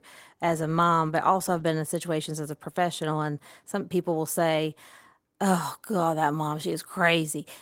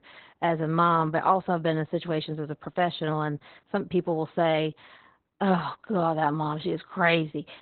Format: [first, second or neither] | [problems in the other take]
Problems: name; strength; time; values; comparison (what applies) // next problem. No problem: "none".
first | garbled, watery; badly; nothing above 4 kHz; slightly in the first